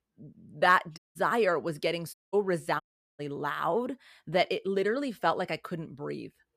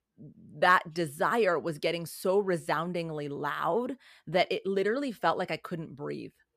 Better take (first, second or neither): second